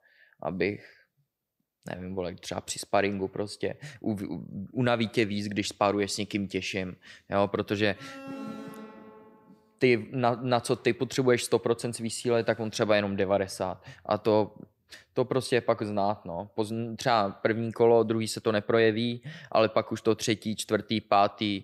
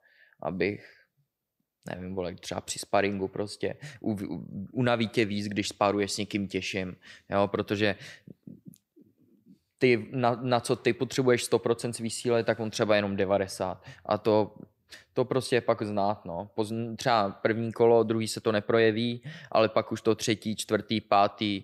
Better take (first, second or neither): second